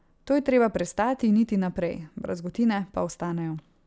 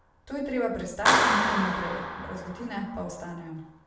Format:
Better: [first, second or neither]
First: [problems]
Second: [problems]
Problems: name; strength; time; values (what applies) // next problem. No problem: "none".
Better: first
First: none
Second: background sound (Clapping); 4 dB above the speech // room echo; dies away in 0.6 s